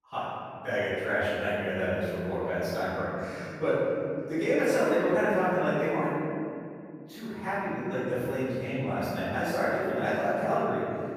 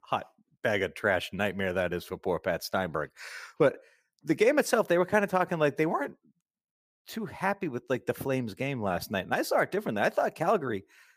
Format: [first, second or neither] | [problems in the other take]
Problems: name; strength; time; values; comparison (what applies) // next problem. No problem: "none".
second | room echo; strong; dies away in 2.8 s // off-mic speech; far